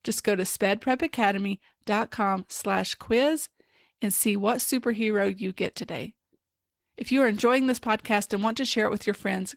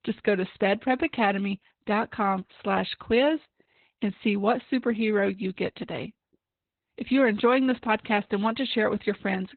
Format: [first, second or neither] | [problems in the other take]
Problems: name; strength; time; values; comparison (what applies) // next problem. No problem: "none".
first | garbled, watery; badly; nothing above 4 kHz; slightly in the first